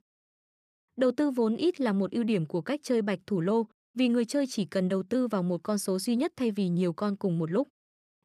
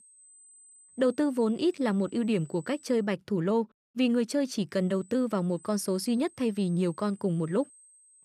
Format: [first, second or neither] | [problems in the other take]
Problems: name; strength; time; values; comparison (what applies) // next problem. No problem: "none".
first | high-pitched whine; faint; until 3 s and from 5 s on; 8 kHz, 25 dB below the speech